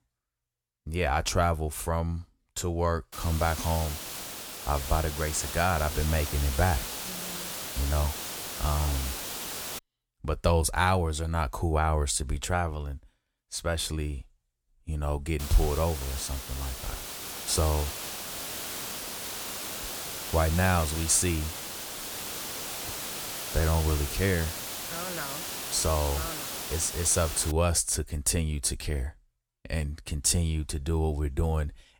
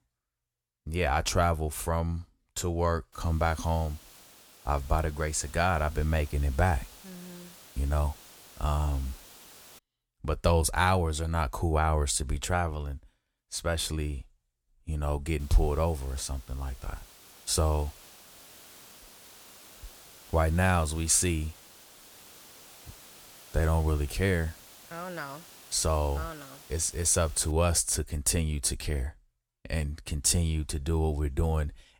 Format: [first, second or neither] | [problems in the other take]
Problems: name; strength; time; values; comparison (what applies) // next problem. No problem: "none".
second | hiss; loud; from 3 to 10 s and from 15 to 28 s; 6 dB below the speech; faint in the second